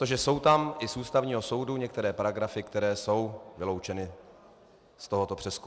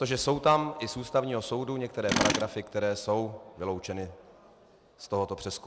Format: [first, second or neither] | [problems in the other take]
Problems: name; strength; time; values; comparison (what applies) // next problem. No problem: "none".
first | background sound (Tools); 5 dB below the speech